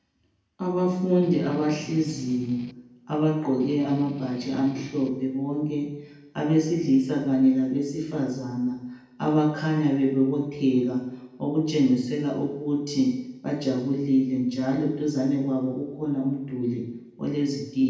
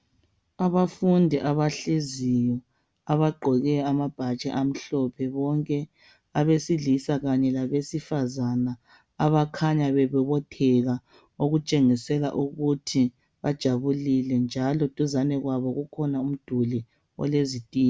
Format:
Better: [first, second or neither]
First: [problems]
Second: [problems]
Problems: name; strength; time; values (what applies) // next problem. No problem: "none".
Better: second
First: background sound (Strum); 17 dB below the speech // room echo; dies away in 0.9 s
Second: none